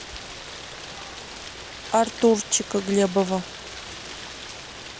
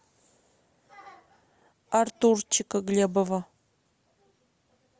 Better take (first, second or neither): second